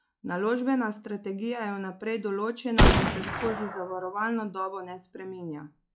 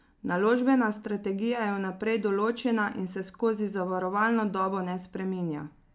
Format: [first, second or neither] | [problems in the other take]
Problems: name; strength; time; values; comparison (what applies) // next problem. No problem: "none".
second | noise reduction (classical method log-MMSE)